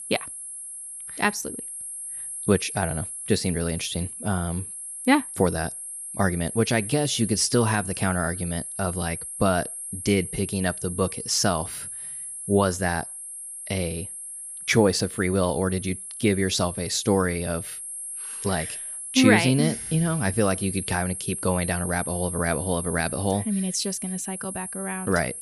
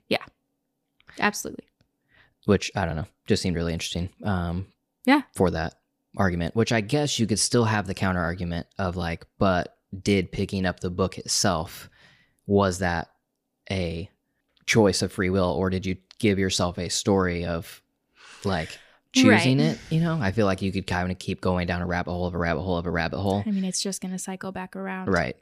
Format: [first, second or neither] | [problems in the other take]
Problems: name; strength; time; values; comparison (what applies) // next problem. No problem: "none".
second | high-pitched whine; loud; throughout; 11 kHz, 7 dB below the speech